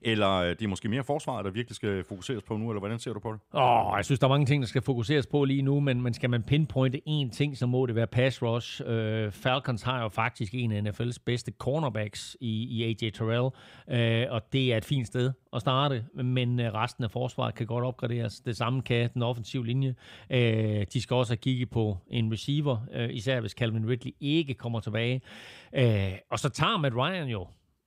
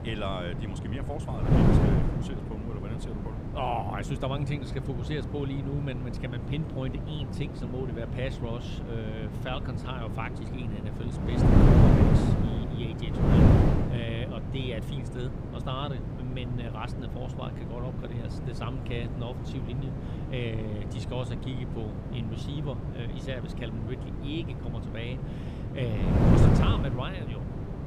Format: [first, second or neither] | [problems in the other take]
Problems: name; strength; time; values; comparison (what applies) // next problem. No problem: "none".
first | wind noise on the microphone; heavy; 2 dB above the speech